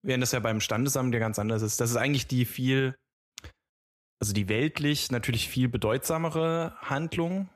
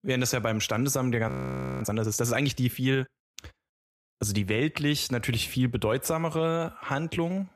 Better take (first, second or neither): first